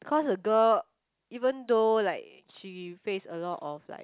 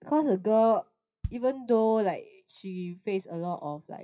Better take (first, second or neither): first